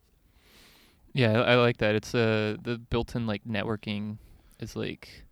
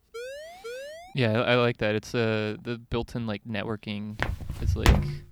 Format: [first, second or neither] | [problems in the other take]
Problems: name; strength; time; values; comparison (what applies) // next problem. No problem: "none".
first | siren; faint; at the start; peak 10 dB below the speech // footsteps; loud; at 4 s; peak 5 dB above the speech